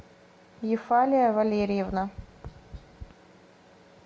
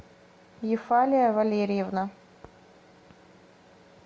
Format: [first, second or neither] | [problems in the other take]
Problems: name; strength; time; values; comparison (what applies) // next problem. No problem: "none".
second | background sound (Tap); 18 dB below the speech